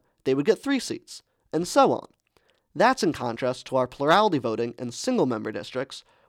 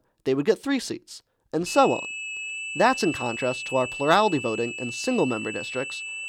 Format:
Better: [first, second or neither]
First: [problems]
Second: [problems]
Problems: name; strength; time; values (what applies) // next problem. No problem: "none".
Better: first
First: none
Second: high-pitched whine; loud; from 1.5 s on; 2.5 kHz, 7 dB below the speech